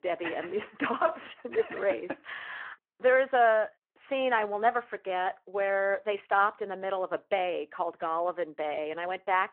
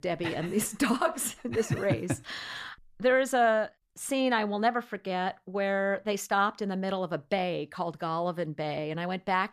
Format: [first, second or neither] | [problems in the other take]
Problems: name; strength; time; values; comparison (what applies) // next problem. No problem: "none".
second | phone-call audio